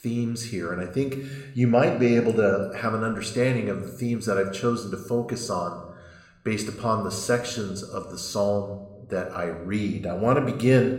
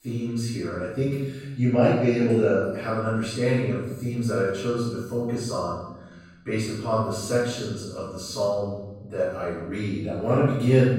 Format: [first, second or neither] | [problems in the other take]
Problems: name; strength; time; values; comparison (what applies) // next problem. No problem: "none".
first | room echo; strong; dies away in 0.9 s; slight in the first // off-mic speech; far